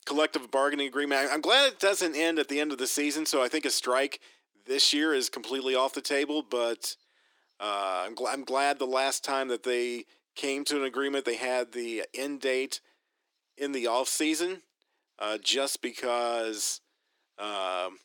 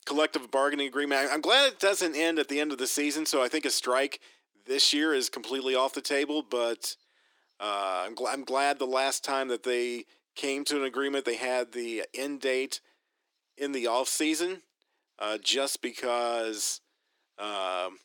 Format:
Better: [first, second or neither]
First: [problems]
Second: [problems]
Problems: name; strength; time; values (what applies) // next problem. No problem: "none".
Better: neither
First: thin; somewhat; fading below 300 Hz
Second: thin; somewhat; fading below 300 Hz